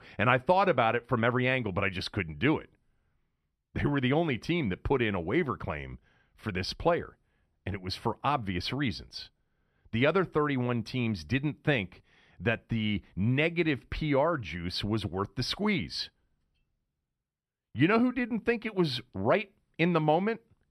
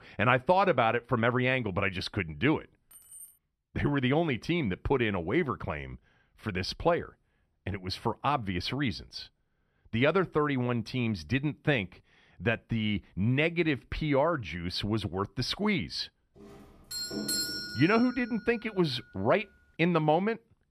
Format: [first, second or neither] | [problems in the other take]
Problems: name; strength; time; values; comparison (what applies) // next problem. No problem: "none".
first | jangling keys; faint; at 3 s; peak 20 dB below the speech // doorbell; noticeable; from 16 to 18 s; peak 1 dB below the speech